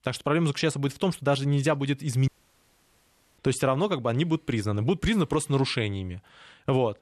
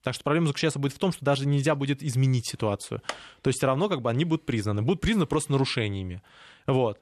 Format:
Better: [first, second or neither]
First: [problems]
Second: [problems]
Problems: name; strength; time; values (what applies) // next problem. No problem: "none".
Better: second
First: audio cutting out; at 2.5 s for 1 s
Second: none